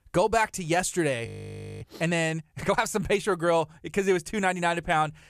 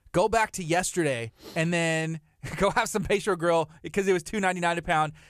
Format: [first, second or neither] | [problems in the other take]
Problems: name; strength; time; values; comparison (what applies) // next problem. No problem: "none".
second | audio freezing; at 1.5 s for 0.5 s